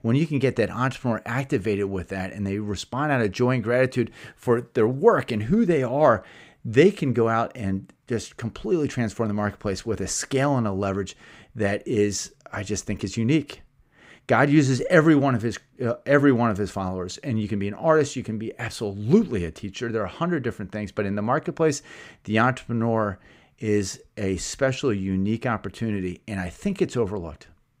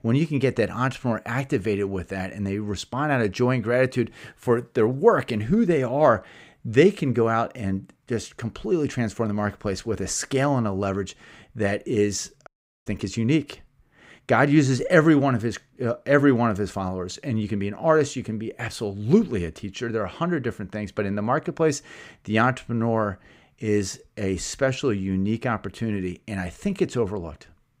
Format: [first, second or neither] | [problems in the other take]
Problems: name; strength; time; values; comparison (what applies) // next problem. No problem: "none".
first | audio cutting out; at 12 s